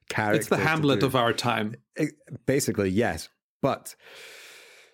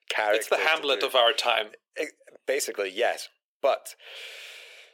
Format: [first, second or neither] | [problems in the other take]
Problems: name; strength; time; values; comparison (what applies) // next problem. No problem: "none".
first | thin; very; fading below 450 Hz